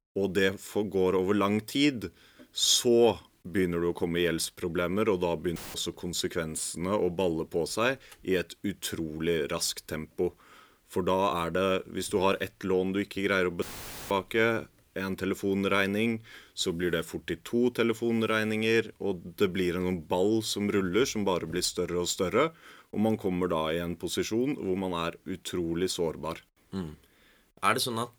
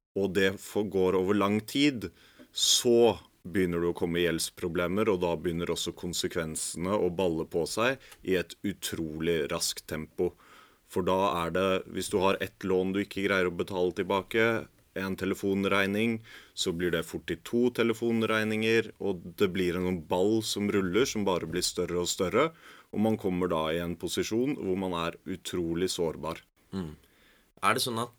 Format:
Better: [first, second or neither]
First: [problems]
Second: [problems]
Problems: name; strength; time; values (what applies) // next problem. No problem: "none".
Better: second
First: audio cutting out; filled with static; at 5.5 s and at 14 s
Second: none